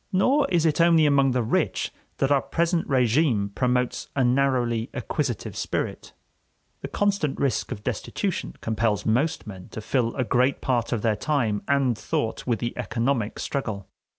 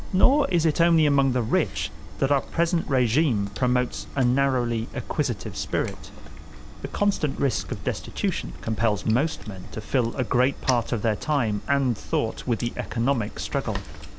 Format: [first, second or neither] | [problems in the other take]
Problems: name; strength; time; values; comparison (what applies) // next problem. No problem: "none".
first | background sound (Chewing, mastication); 6 dB below the speech